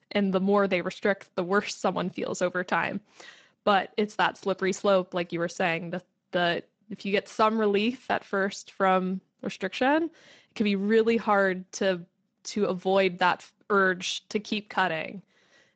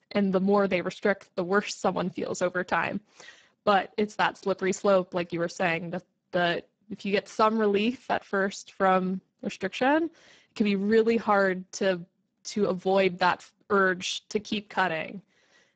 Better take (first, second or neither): first